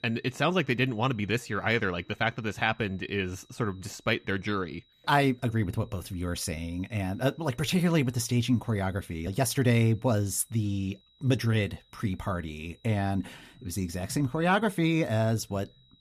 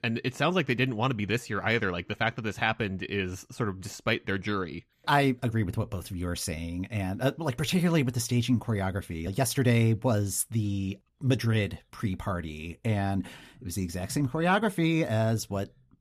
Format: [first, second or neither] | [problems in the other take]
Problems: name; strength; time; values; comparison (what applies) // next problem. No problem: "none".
second | high-pitched whine; faint; throughout; 4 kHz, 35 dB below the speech